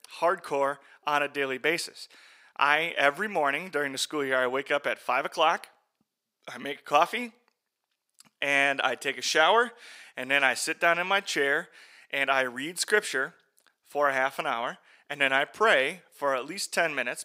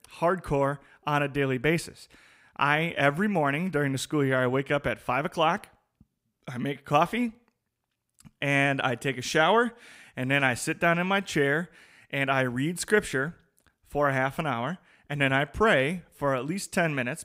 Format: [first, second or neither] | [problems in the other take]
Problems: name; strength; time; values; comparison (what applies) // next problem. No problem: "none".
second | thin; somewhat; fading below 450 Hz